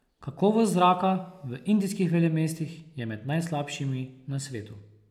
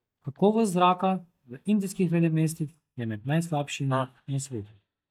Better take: first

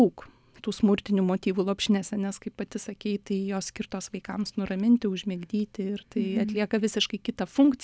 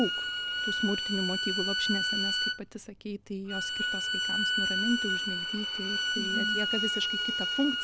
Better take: first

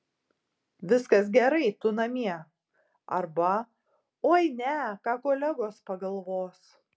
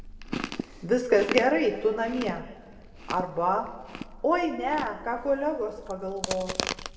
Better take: first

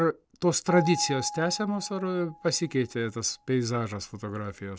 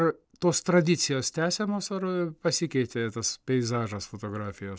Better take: second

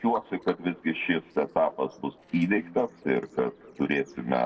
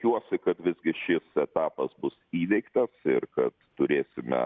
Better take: second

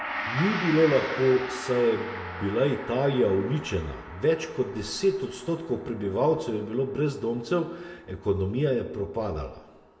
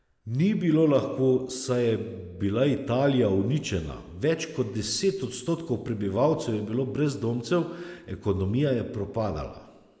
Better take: second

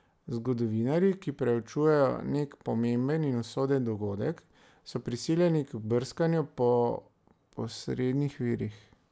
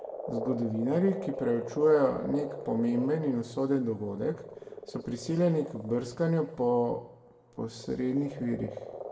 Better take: first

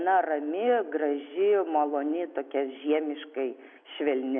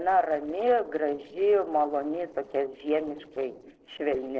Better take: first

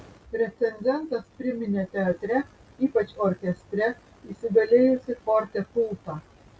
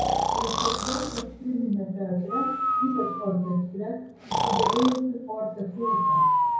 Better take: first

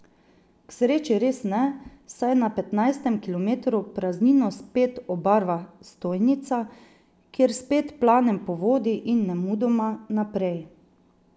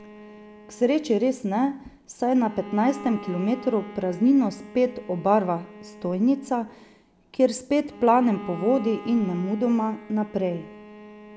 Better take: first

